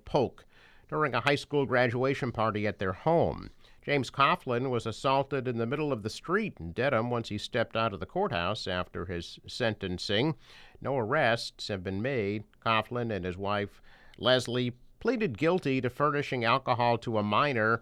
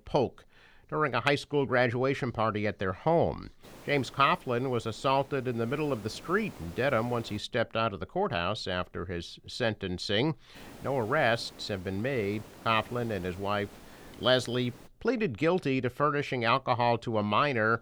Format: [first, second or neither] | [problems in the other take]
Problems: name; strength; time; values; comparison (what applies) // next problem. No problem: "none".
first | hiss; faint; from 3.5 to 7.5 s and from 11 to 15 s; 20 dB below the speech